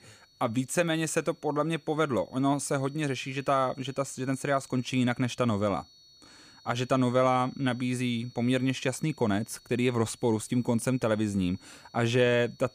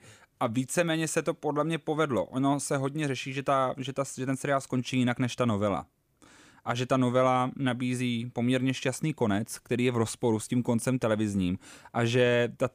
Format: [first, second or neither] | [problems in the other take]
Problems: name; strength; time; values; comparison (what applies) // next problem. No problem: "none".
second | high-pitched whine; faint; throughout; 4.5 kHz, 25 dB below the speech